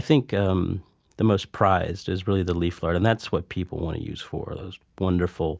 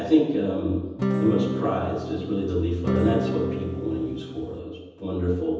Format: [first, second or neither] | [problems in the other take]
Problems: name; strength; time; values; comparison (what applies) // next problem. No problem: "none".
first | background sound (Acoustic guitar / Strum); 3 dB below the speech // room echo; dies away in 1.1 s